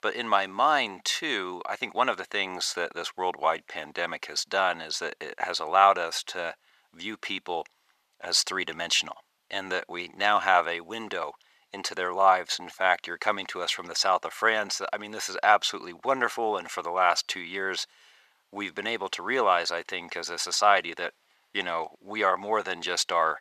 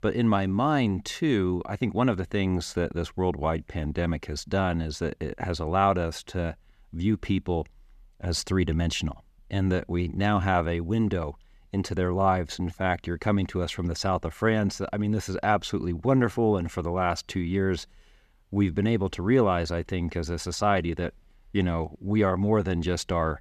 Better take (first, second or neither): second